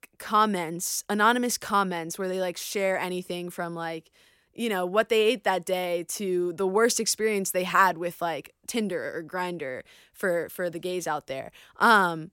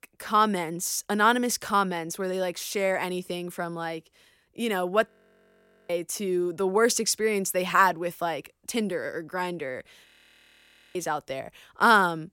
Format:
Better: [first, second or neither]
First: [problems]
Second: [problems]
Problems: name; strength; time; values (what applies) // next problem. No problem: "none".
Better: first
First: none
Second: audio freezing; at 5 s for 1 s and at 10 s for 1 s